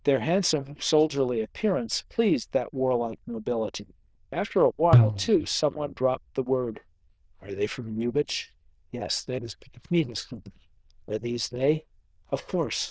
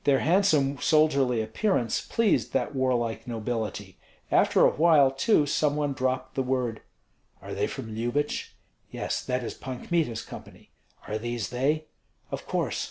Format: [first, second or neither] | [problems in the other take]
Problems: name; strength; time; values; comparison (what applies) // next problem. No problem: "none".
second | noise reduction (neural diffusion model UNIVERSE++)